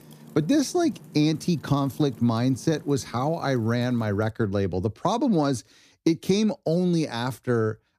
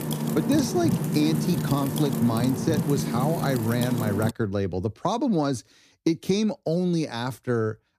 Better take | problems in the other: first | wind noise on the microphone; heavy; until 4.5 s; 4 dB below the speech; occasional gusts in the first

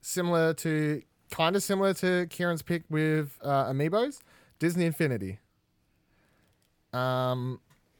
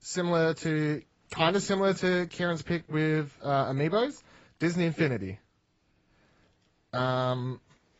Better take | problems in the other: first | garbled, watery; badly; nothing above 7.5 kHz

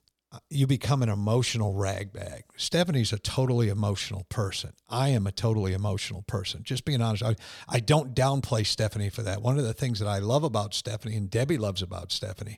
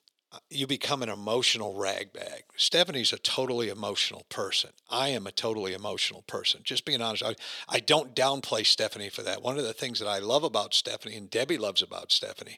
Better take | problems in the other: first | thin; somewhat; fading below 400 Hz

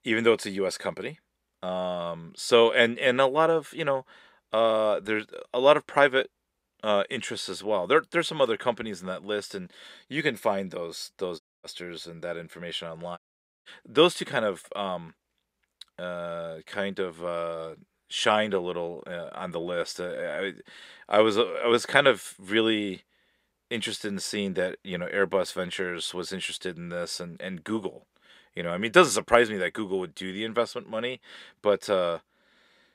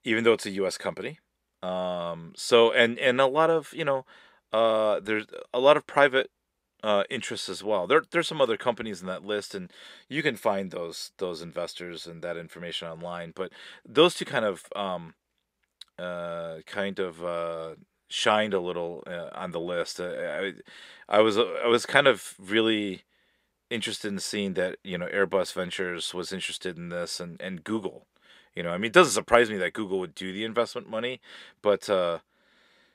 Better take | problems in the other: second | audio cutting out; at 11 s and at 13 s

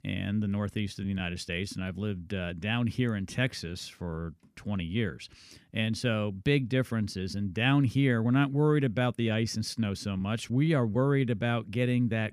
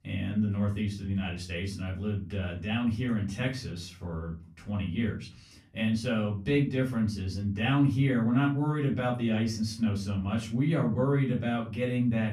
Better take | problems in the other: first | off-mic speech; far // room echo; slight; dies away in 0.3 s

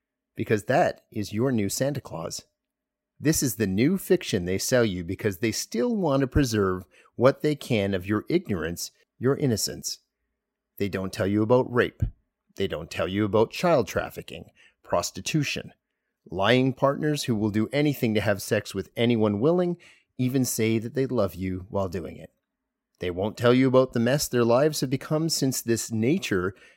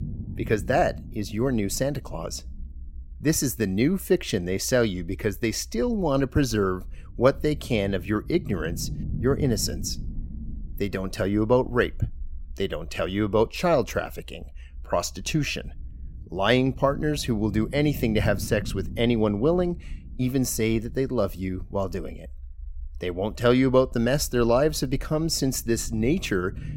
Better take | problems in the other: first | low rumble; faint; throughout; 20 dB below the speech

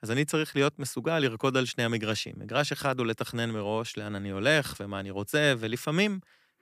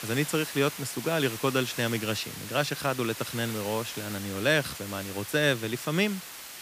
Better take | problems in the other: first | hiss; loud; throughout; 9 dB below the speech

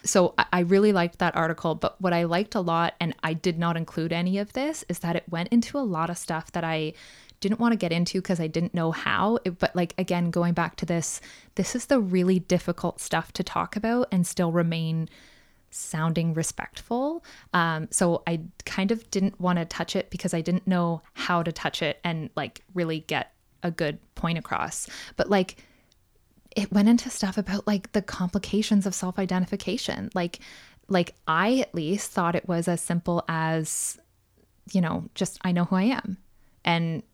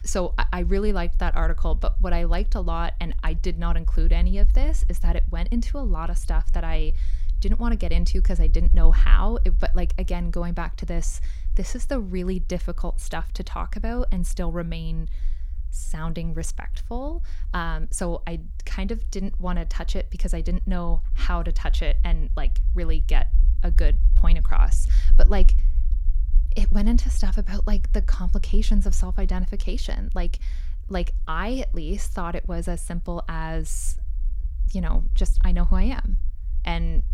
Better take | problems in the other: first | low rumble; noticeable; throughout; 20 dB below the speech

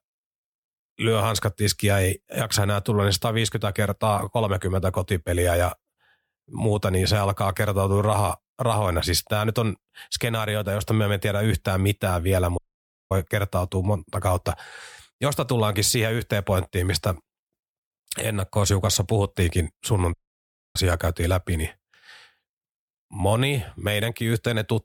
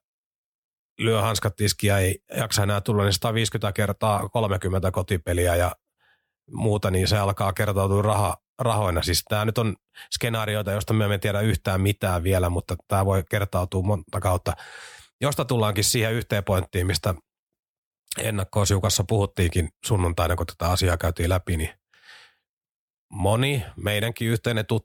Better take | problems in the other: second | audio cutting out; at 13 s for 0.5 s and at 20 s for 0.5 s

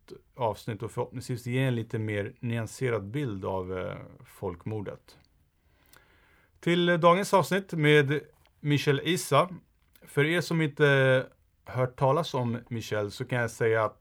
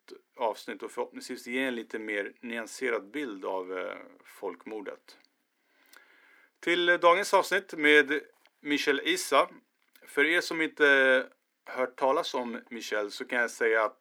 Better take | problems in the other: first | thin; somewhat; fading below 250 Hz

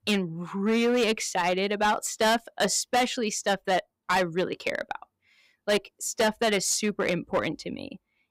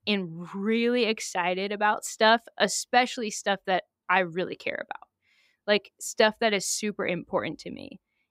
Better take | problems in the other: second | distortion; heavy; 8% of the sound clipped

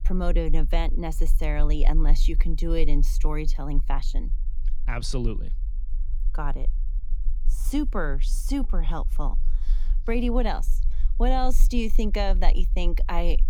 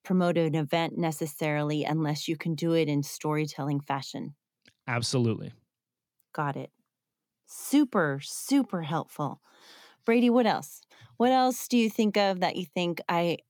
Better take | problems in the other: second | low rumble; faint; throughout; 25 dB below the speech

